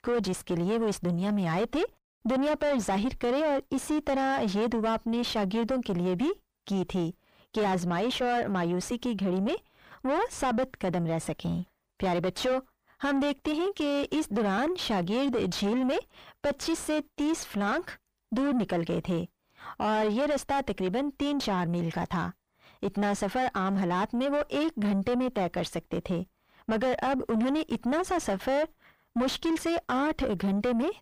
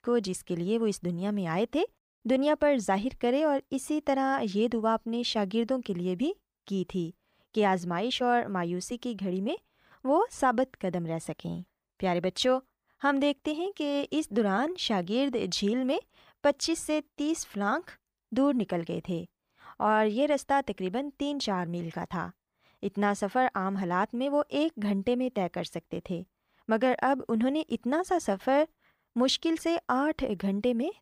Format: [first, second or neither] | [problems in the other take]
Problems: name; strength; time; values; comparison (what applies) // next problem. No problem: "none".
second | distortion; heavy; 5 dB below the speech